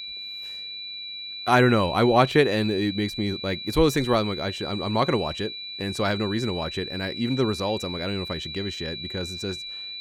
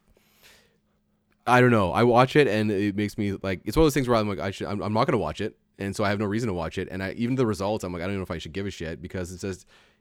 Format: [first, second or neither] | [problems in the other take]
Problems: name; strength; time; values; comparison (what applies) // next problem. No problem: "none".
second | high-pitched whine; loud; throughout; 4 kHz, 8 dB below the speech